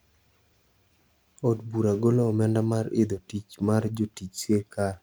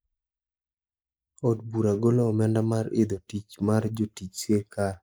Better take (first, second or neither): first